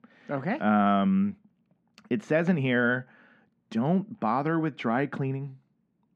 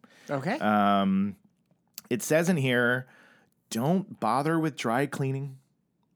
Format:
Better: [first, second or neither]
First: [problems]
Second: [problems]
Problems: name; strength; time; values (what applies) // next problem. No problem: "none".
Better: second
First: muffled; very; fading above 2.5 kHz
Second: none